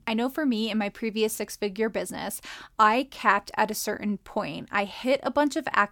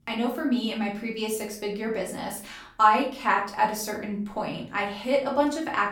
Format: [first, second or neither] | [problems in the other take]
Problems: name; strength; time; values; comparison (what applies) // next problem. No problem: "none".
first | off-mic speech; far // room echo; slight; dies away in 0.4 s